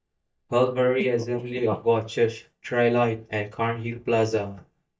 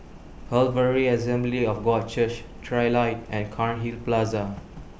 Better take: second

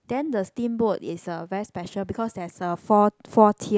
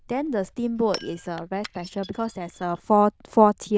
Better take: first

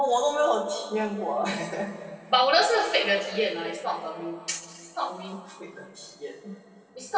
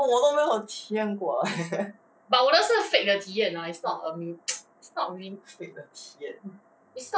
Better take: second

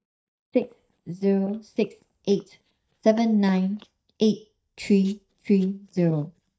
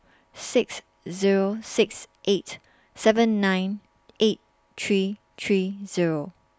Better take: second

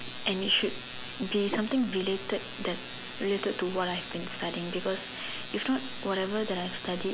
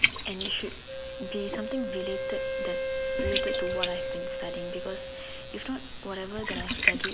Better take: first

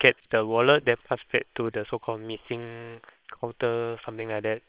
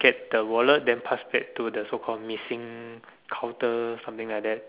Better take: second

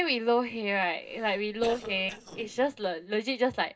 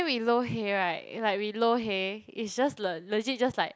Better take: second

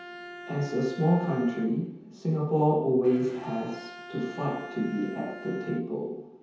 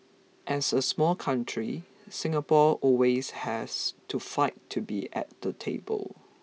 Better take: second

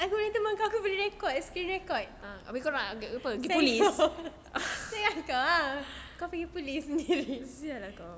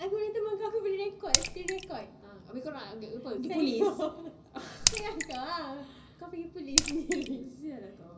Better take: first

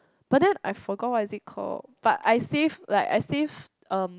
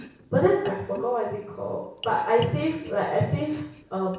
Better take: first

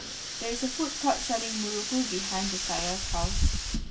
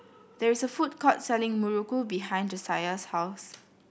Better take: second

